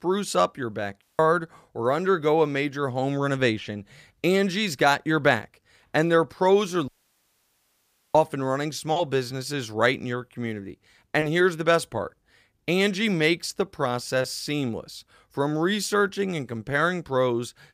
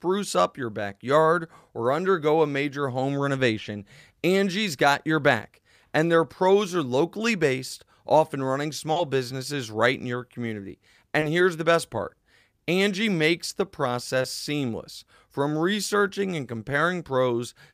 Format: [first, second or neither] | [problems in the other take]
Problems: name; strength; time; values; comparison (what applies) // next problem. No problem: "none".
second | audio cutting out; at 1 s and at 7 s for 1.5 s